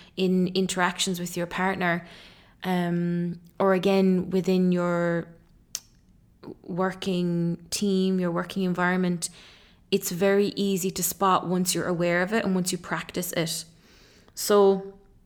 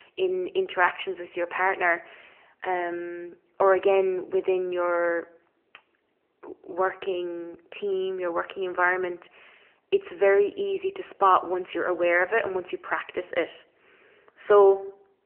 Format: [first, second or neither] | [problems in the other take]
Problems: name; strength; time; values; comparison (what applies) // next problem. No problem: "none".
first | phone-call audio; nothing above 3 kHz